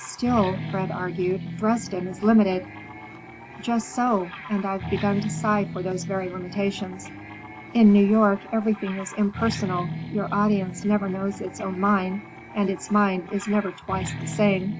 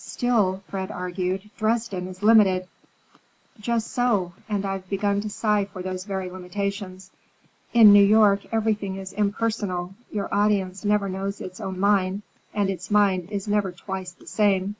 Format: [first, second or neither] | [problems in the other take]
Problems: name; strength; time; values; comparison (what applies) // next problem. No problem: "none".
second | background sound (Guitar); 11 dB below the speech